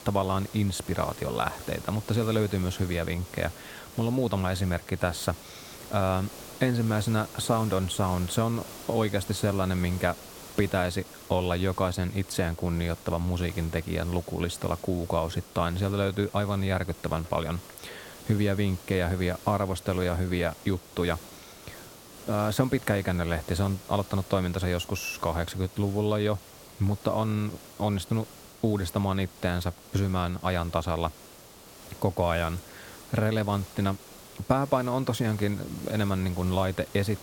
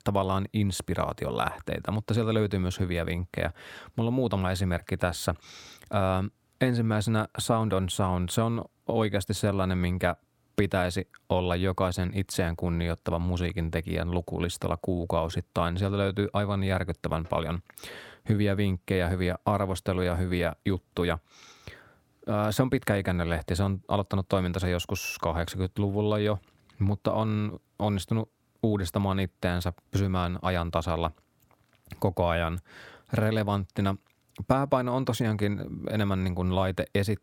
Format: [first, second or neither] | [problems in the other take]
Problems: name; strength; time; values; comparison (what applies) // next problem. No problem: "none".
second | hiss; noticeable; throughout; 15 dB below the speech